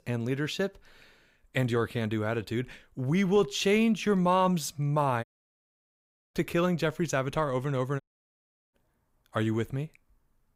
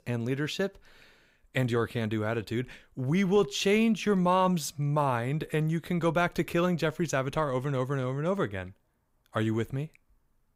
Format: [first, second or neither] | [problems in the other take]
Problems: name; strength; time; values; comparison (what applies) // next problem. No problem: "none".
second | audio cutting out; at 5 s for 1 s and at 8 s for 0.5 s